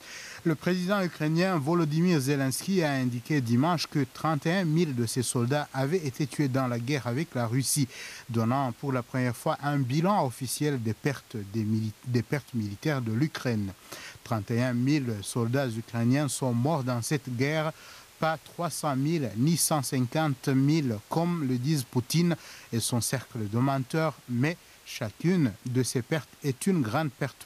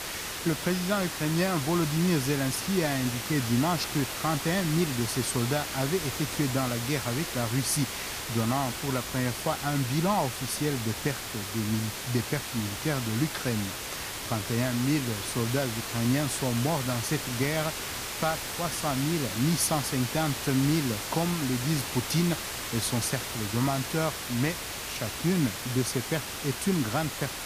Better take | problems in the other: first | hiss; loud; throughout; 4 dB below the speech; faint in the first

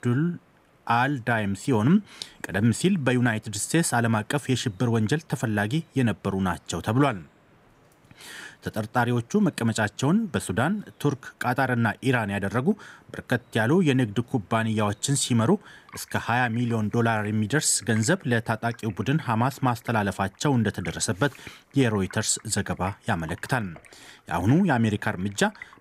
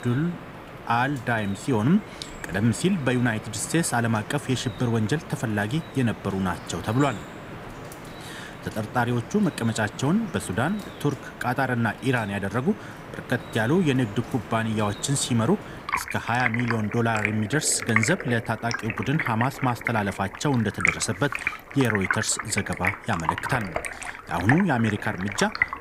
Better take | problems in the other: first | rain or running water; loud; throughout; 7 dB below the speech; faint in the first

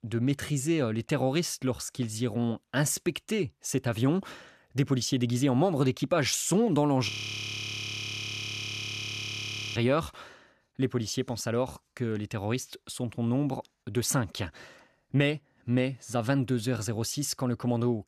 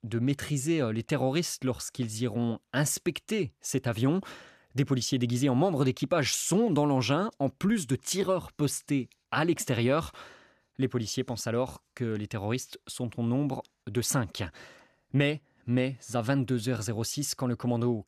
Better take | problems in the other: second | audio freezing; at 7 s for 2.5 s

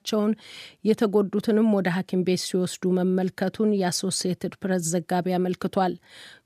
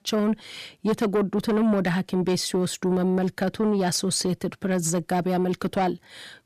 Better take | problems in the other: first | distortion; slight; 10 dB below the speech

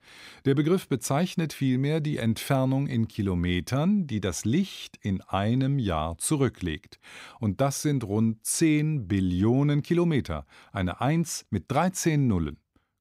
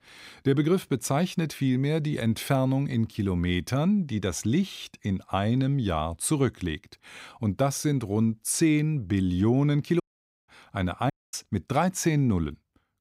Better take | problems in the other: first | audio cutting out; at 10 s and at 11 s

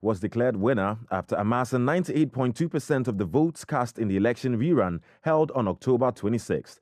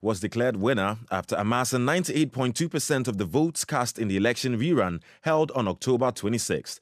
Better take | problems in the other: second | muffled; slightly; fading above 2 kHz

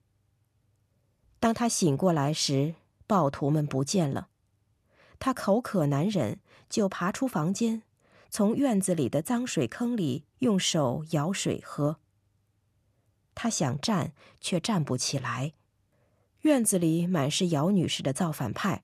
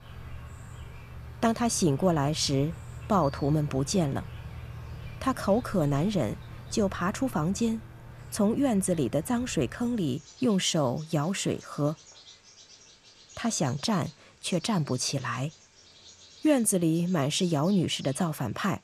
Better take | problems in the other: first | animal sounds; noticeable; throughout; 15 dB below the speech

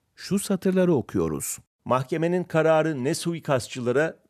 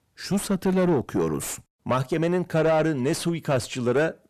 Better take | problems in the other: first | distortion; slight; 9 dB below the speech

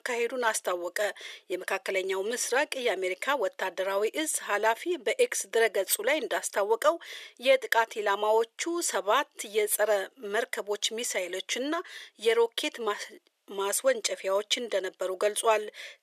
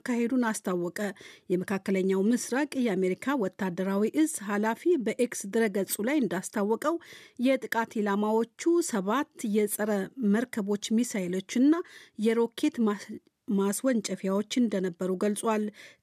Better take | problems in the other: second | thin; very; fading below 500 Hz

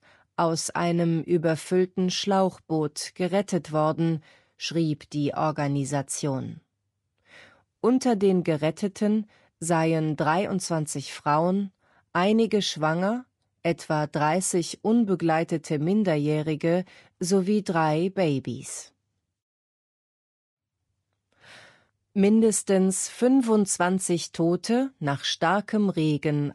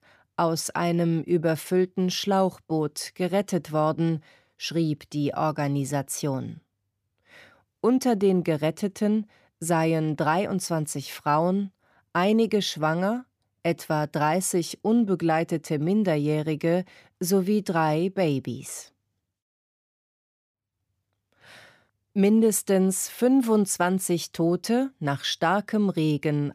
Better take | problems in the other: second | garbled, watery; slightly; nothing above 10.5 kHz

